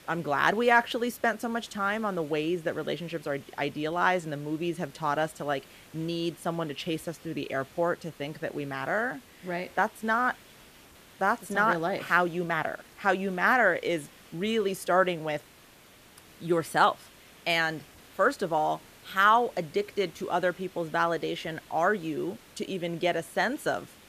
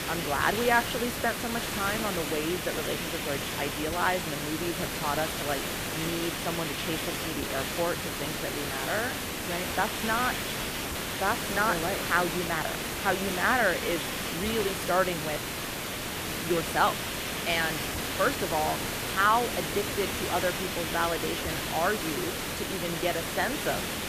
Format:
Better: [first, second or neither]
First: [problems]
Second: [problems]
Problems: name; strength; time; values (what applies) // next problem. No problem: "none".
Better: first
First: hiss; faint; throughout; 25 dB below the speech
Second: hiss; loud; throughout; 1 dB below the speech